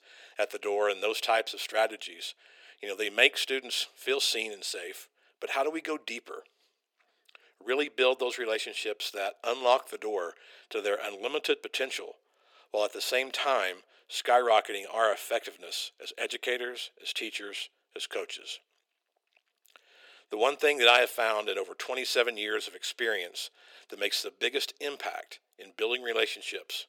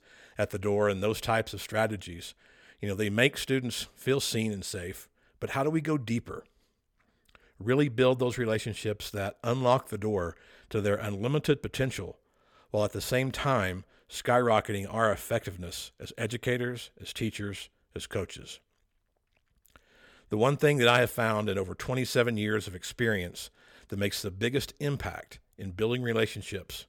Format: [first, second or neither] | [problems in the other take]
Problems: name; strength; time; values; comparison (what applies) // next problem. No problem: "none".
second | thin; very; fading below 350 Hz